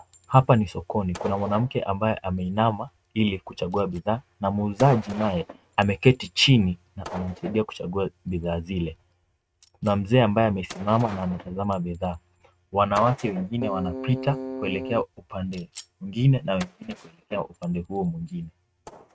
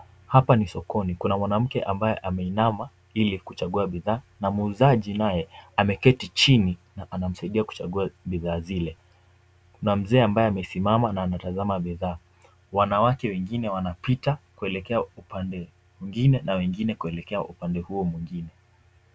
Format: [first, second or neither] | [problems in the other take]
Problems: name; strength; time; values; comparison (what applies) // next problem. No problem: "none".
second | noise reduction (neural mask model RNNoise)